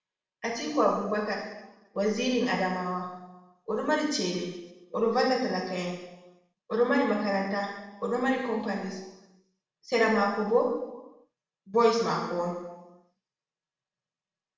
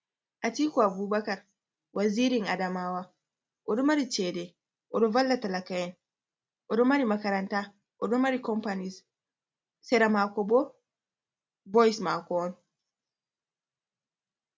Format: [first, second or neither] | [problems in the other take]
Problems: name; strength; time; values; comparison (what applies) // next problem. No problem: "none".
second | room echo; dies away in 0.9 s